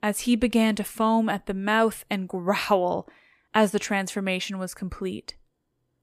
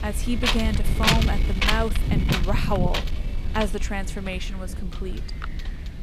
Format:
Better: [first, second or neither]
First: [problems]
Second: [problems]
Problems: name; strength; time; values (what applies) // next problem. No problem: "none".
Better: first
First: none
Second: wind noise on the microphone; heavy; 3 dB above the speech